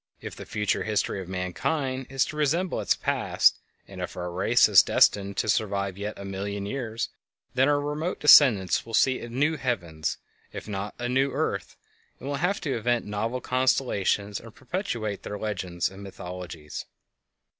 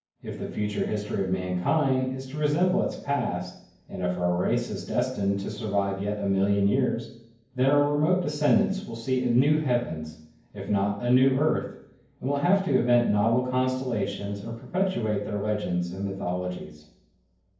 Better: first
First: none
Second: room echo; dies away in 0.9 s

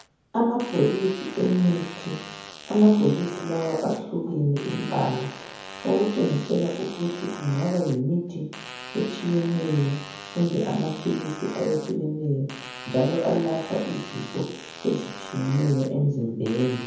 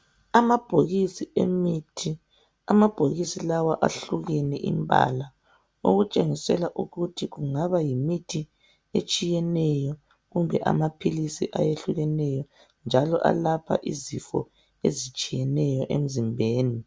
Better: second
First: background sound (Fart); 15 dB below the speech // room echo; dies away in 0.7 s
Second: none

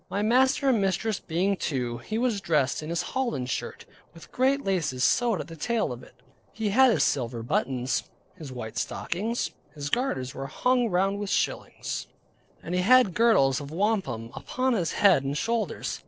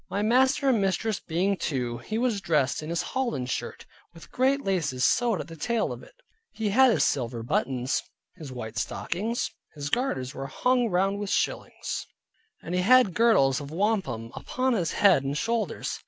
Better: second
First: noise reduction (neural separator model SepFormer DNS4)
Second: none

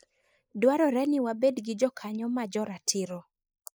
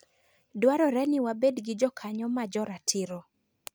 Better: second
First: noise reduction (neural mask model Resemble Enhance denoiser)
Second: none

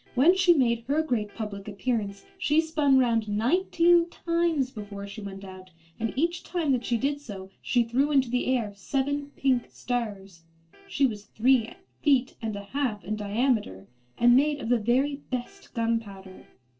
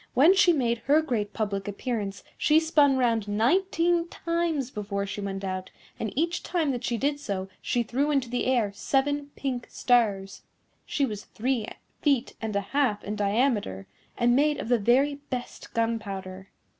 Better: second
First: noise reduction (neural separator model SepFormer DNS4)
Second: none

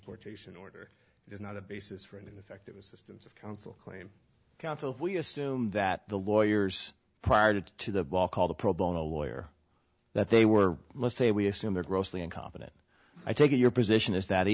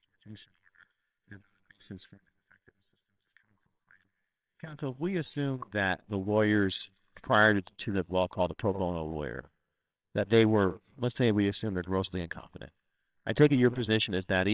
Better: first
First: none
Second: noise reduction (neural separator model SepFormer WHAMR!)

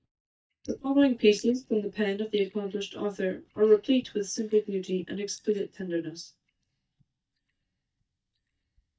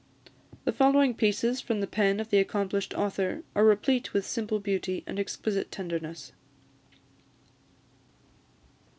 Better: second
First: noise reduction (neural mask model DeepFilterNet 3)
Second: none

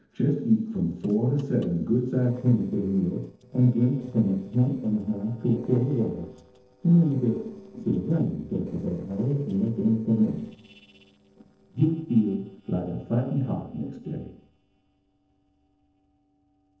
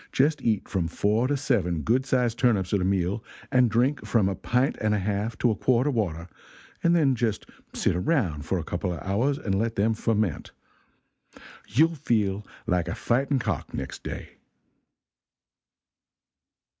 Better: second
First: noise reduction (neural separator model SepFormer DNS4)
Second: none

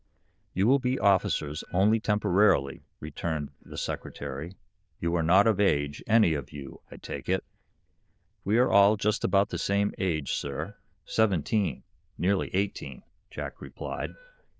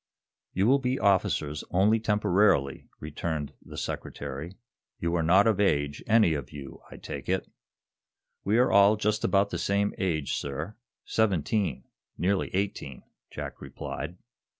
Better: second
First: noise reduction (neural diffusion model UNIVERSE++)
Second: none

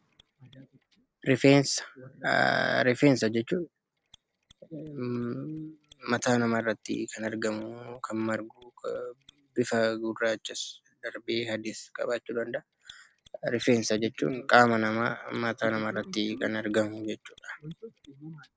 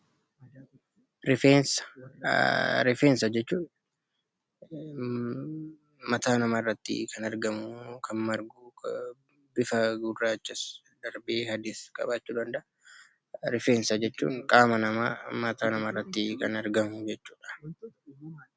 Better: second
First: noise reduction (neural separator model SepFormer DNS4)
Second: none

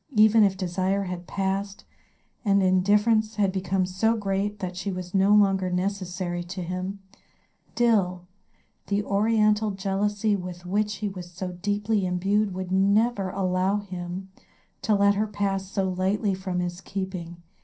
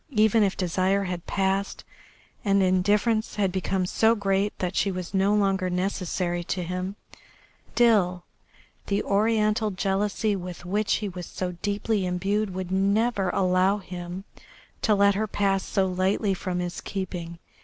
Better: second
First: room echo; dies away in 0.3 s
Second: none

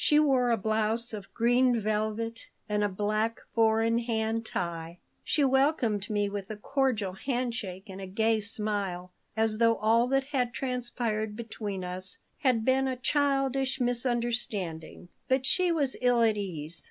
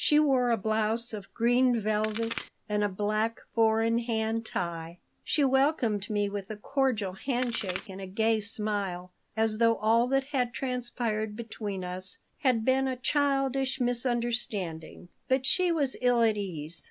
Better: first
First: none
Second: background sound (Crack); 10 dB below the speech

